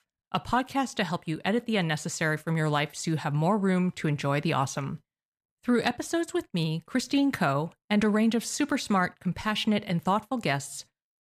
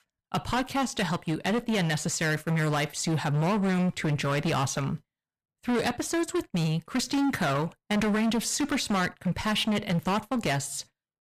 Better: first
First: none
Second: distortion; heavy; 21% of the sound clipped

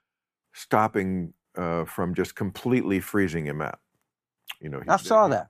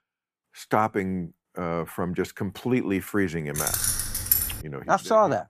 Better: first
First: none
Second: jangling keys; loud; from 3.5 to 4.5 s; peak 4 dB above the speech

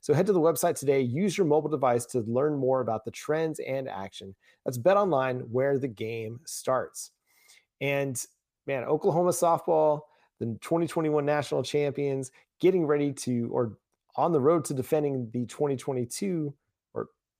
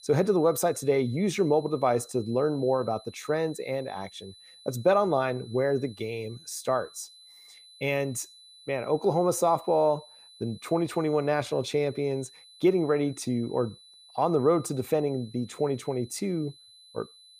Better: first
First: none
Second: high-pitched whine; faint; throughout; 4 kHz, 25 dB below the speech

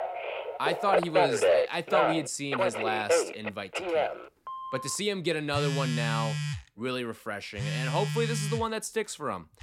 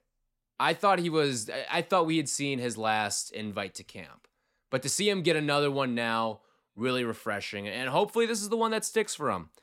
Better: second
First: alarms or sirens; very loud; throughout; 2 dB above the speech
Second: none

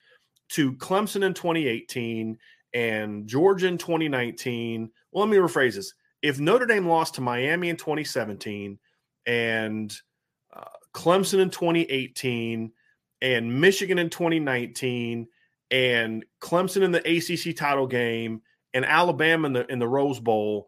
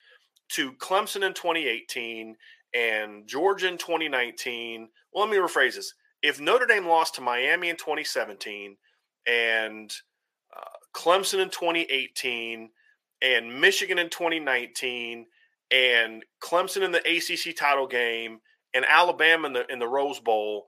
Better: first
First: none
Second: thin; very; fading below 600 Hz

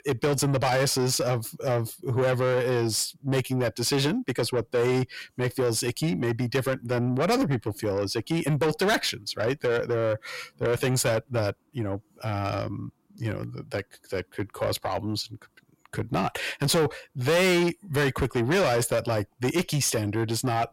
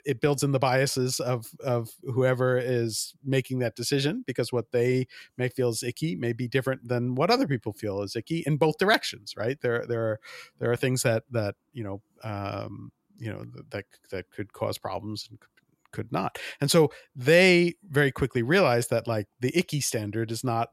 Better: second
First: distortion; heavy; 7 dB below the speech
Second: none

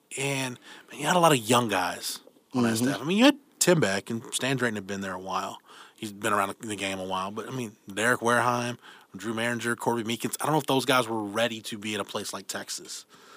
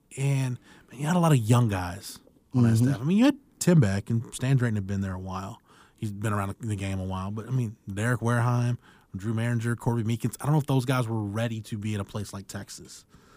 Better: second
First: thin; somewhat; fading below 350 Hz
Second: none

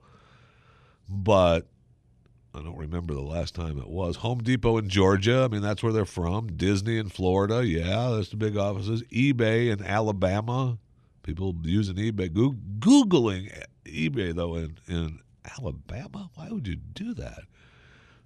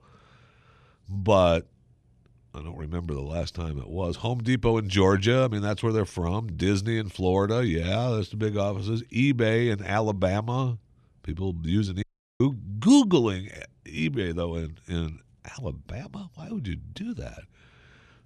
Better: first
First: none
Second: audio cutting out; at 12 s

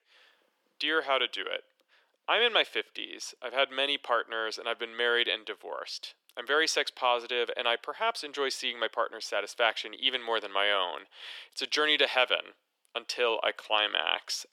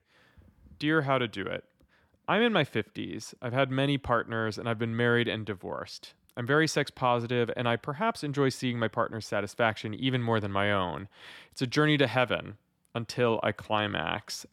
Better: second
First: thin; very; fading below 400 Hz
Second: none

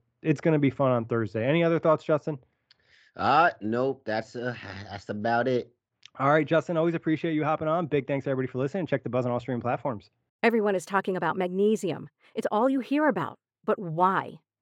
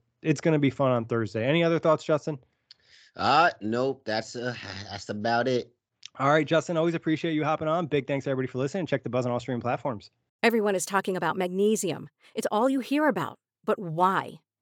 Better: second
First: muffled; slightly; fading above 3.5 kHz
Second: none

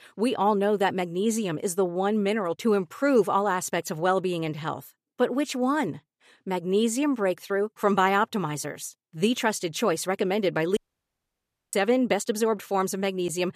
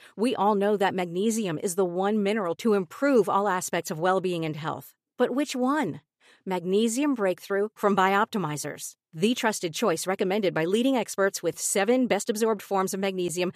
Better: second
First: audio cutting out; at 11 s for 1 s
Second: none

